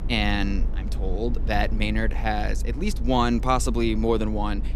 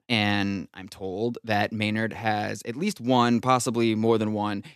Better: second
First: low rumble; noticeable; throughout; 20 dB below the speech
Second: none

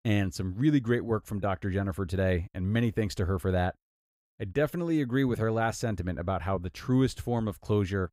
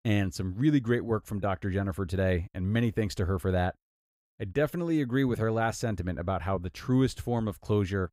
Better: neither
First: none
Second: none

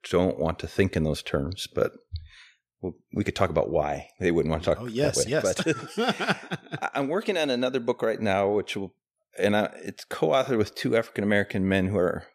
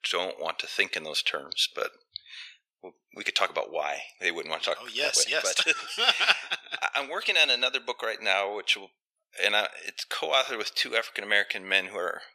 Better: first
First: none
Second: thin; very; fading below 850 Hz

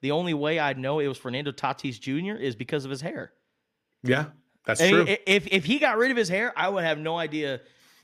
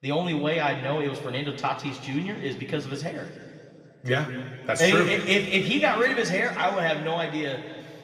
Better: first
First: none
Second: room echo; noticeable; dies away in 2.1 s // off-mic speech; somewhat distant

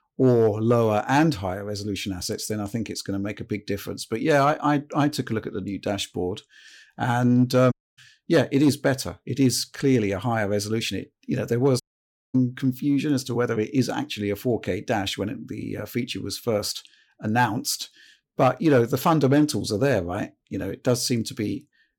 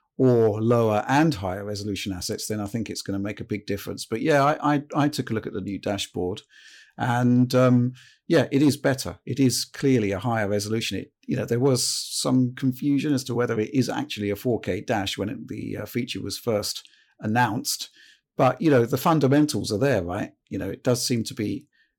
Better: second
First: audio cutting out; at 7.5 s and at 12 s for 0.5 s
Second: none

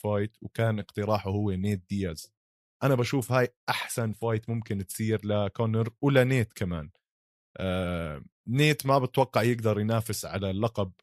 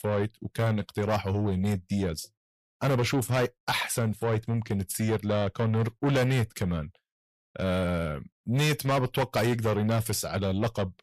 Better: first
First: none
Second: distortion; heavy; 7 dB below the speech

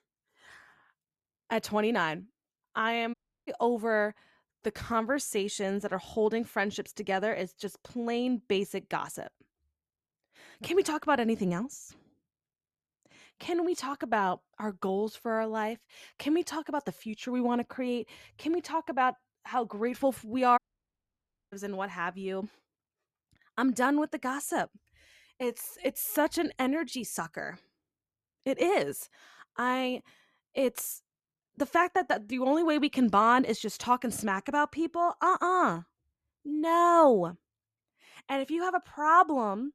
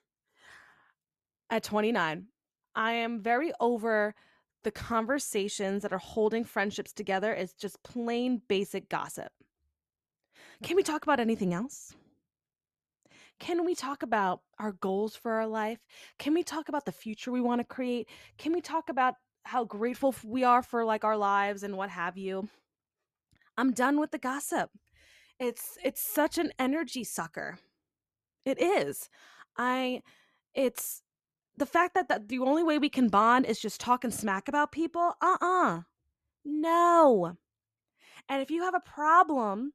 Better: second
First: audio cutting out; at 3 s and at 21 s for 1 s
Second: none

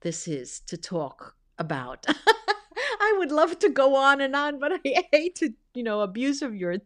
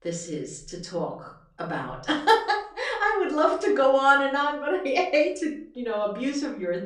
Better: first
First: none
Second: off-mic speech; far // room echo; slight; dies away in 0.4 s

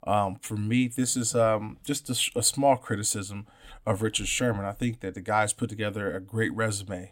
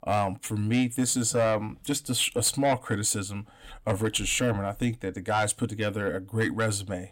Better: first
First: none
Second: distortion; slight; 10 dB below the speech

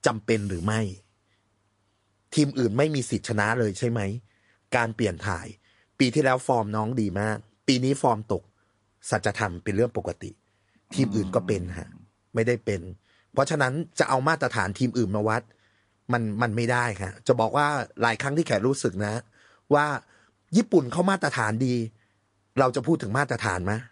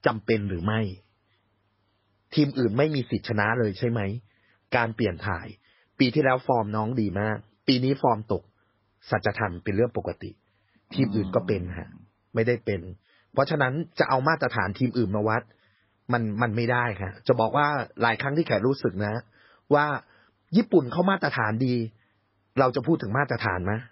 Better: first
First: garbled, watery; slightly; nothing above 10 kHz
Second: garbled, watery; badly; nothing above 5.5 kHz

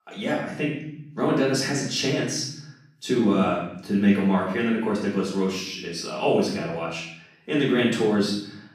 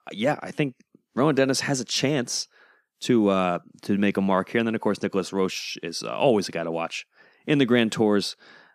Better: second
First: room echo; noticeable; dies away in 0.7 s // off-mic speech; far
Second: none

